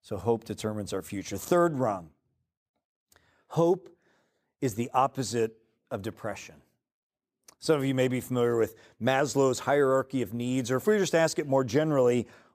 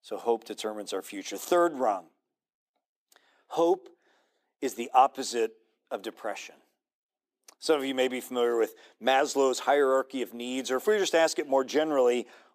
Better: first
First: none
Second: thin; somewhat; fading below 300 Hz

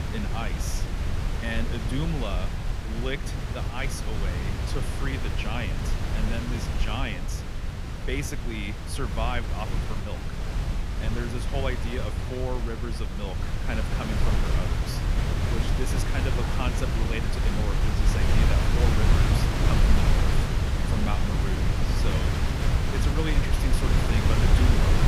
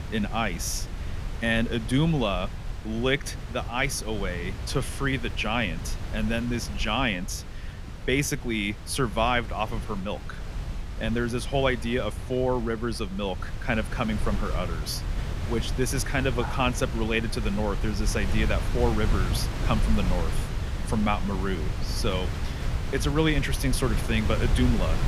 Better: second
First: wind noise on the microphone; heavy; 2 dB above the speech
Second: wind noise on the microphone; occasional gusts; 10 dB below the speech

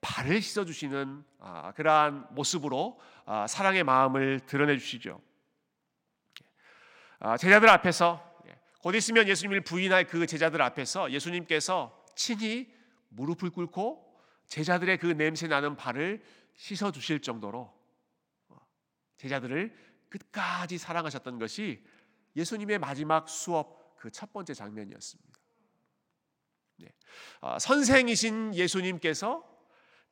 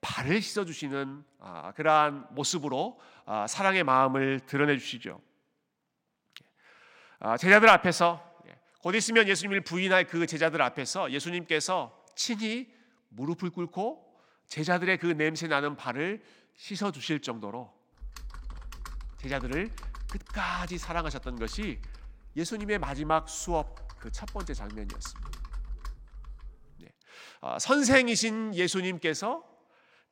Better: first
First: none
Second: keyboard typing; faint; from 18 to 27 s; peak 15 dB below the speech

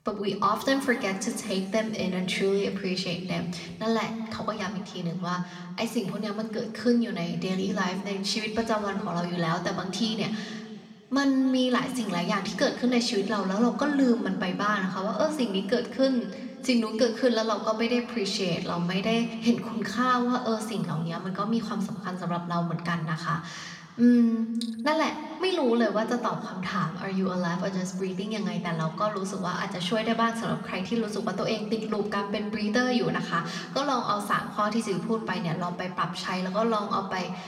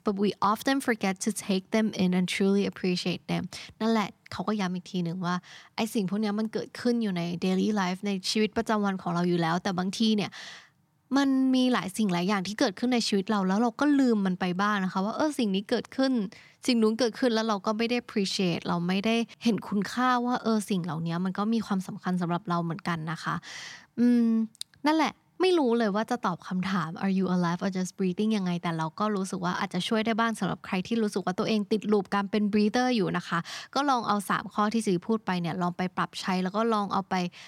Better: second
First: room echo; slight; dies away in 1.9 s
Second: none

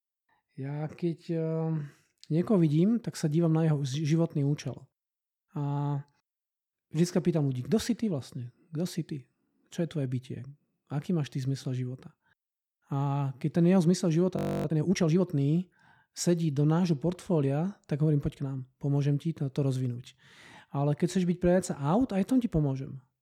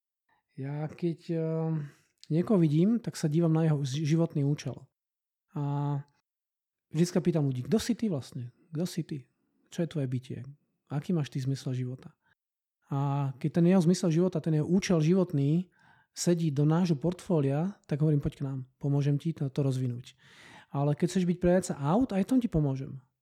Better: second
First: audio freezing; at 14 s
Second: none

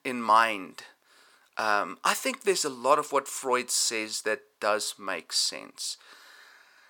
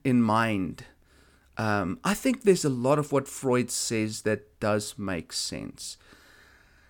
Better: second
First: thin; very; fading below 600 Hz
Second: none

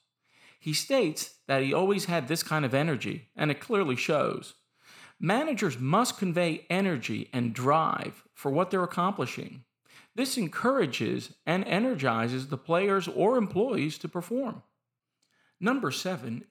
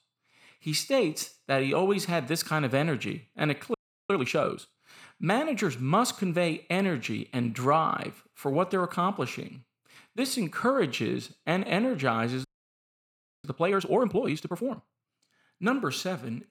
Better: first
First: none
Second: audio freezing; at 3.5 s and at 12 s for 1 s

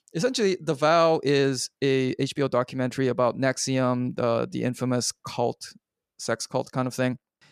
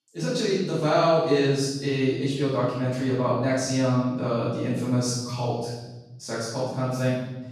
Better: first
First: none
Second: off-mic speech; far // room echo; strong; dies away in 1.2 s

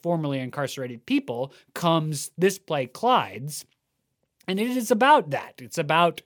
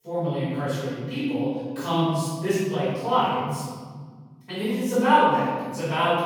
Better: first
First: none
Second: off-mic speech; far // room echo; strong; dies away in 1.8 s

